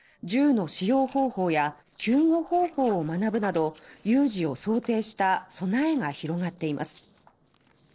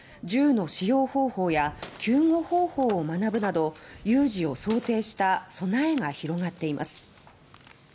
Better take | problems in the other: second | noise reduction (neural separator model SepFormer DNS4)

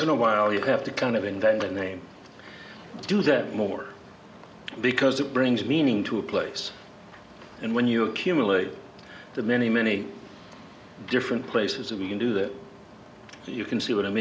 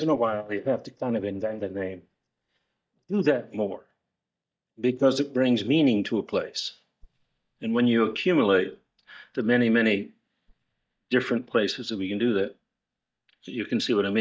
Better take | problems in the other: first | noise reduction (neural mask model DeepFilterNet 3)

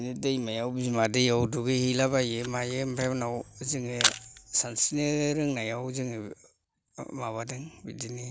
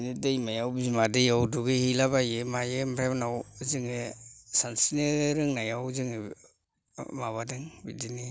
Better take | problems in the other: second | background sound (Camera); 6 dB below the speech

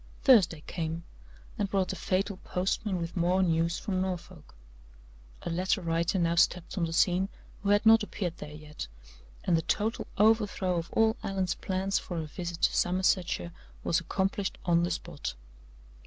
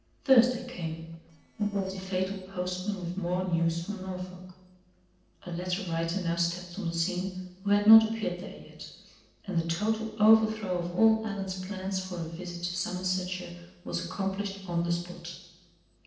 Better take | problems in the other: first | noise reduction (neural separator model SepFormer DNS4)

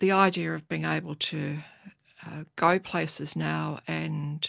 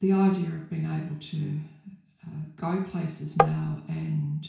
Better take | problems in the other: first | background sound (Tap); 5 dB above the speech // room echo; dies away in 0.6 s

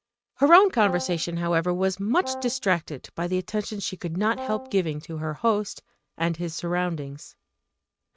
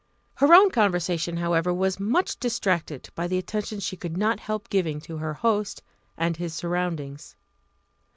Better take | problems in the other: second | noise reduction (neural mask model RNNoise)

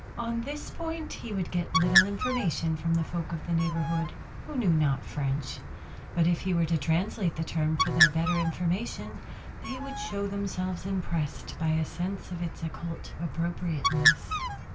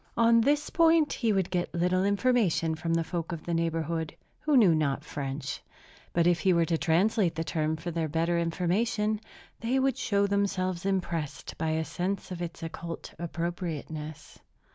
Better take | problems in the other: second | background sound (Bird); 3 dB below the speech // room echo; dies away in 0.2 s

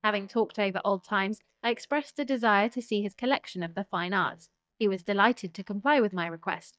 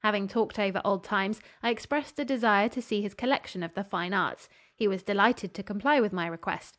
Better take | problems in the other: second | noise reduction (neural mask model DeepFilterNet 3)

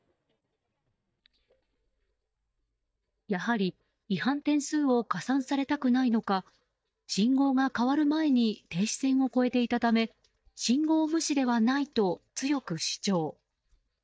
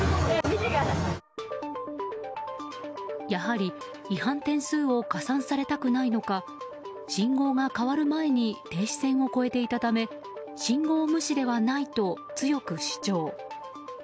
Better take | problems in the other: second | noise reduction (neural mask model DeepFilterNet 3)

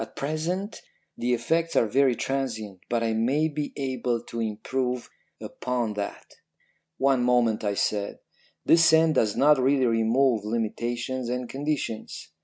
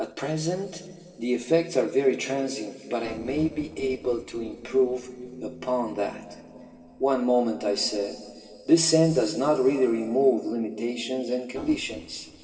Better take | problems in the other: first | noise reduction (neural separator model SepFormer DNS4)

